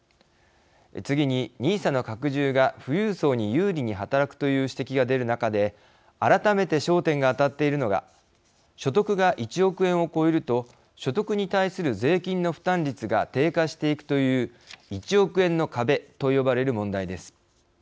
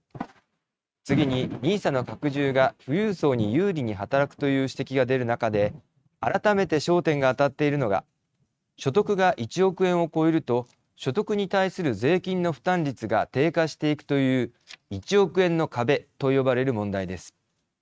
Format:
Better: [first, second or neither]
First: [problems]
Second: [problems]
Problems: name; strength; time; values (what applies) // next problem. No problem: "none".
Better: first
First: none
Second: noise reduction (neural mask model RNNoise)